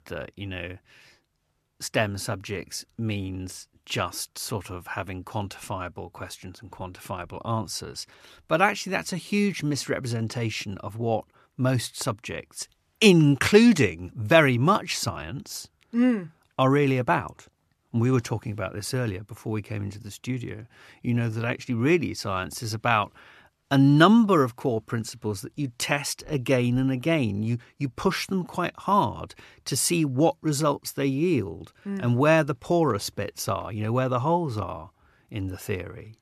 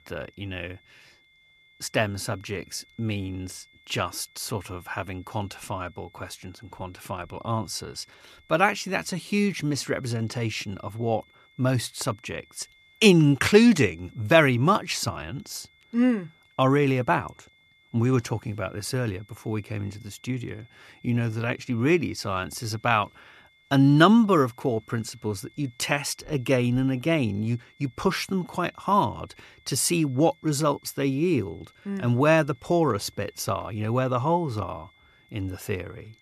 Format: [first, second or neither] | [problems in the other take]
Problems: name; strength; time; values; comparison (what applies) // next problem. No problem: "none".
first | high-pitched whine; faint; throughout; 2 kHz, 30 dB below the speech